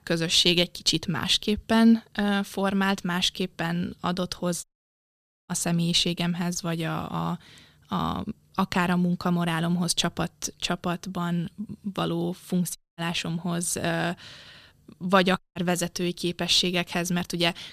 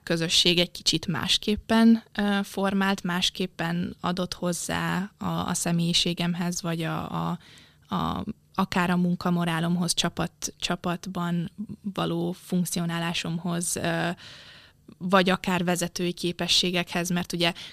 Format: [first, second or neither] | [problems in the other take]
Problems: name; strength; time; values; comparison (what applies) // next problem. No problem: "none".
second | audio cutting out; at 4.5 s for 1 s, at 13 s and at 15 s